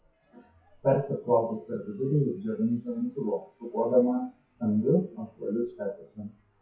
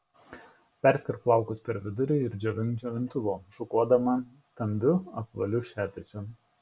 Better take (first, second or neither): second